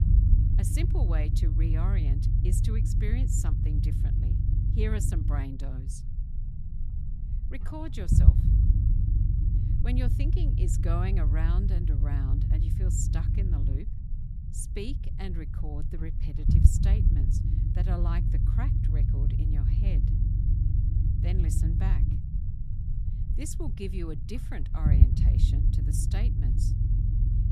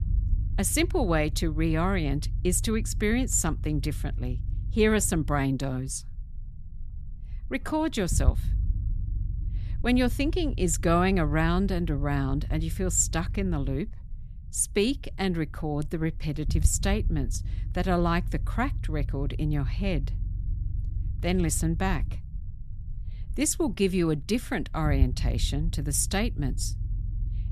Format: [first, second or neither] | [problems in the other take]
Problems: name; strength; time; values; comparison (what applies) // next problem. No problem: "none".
second | low rumble; loud; throughout; 1 dB below the speech; faint in the second